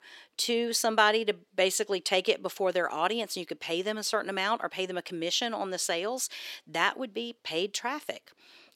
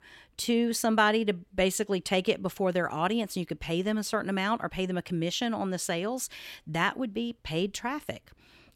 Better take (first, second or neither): second